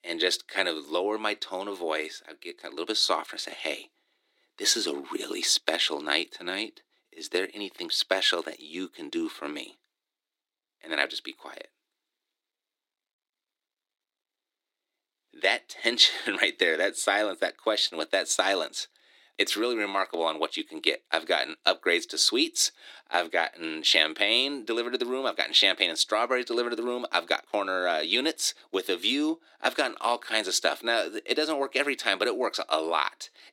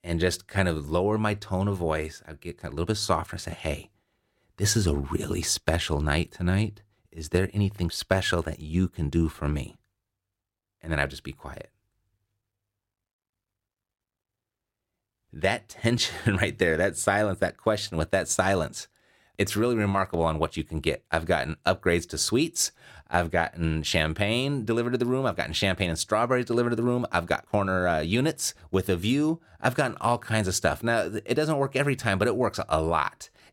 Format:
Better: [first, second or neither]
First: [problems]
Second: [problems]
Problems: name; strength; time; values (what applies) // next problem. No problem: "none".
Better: second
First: thin; somewhat; fading below 300 Hz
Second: none